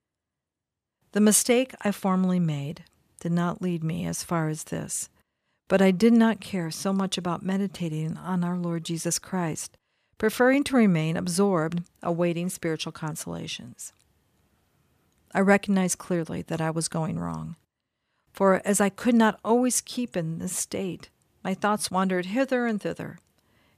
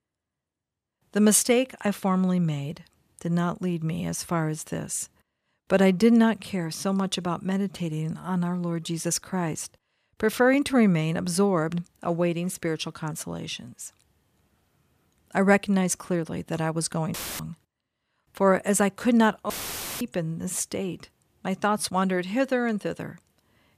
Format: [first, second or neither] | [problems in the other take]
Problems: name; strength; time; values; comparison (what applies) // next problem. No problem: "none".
first | audio cutting out; filled with static; at 17 s and at 20 s for 0.5 s